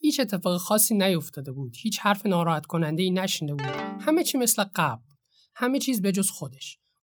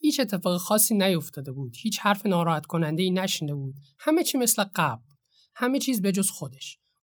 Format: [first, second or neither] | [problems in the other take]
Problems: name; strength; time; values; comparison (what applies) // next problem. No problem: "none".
second | phone ringing; noticeable; at 3.5 s; peak 8 dB below the speech